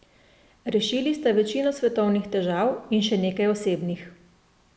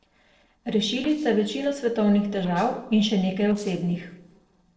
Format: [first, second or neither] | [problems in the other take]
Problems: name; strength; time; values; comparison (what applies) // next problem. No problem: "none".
first | noise reduction (neural separator model SepFormer DNS4)